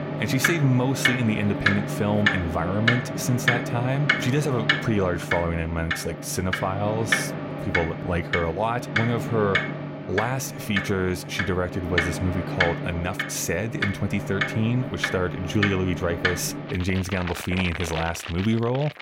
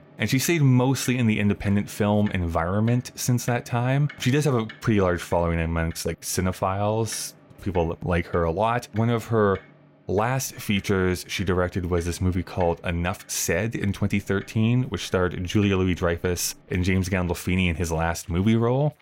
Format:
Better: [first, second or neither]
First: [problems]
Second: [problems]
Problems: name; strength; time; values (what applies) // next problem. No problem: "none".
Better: second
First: household noises; loud; throughout; 1 dB below the speech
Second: household noises; faint; throughout; 25 dB below the speech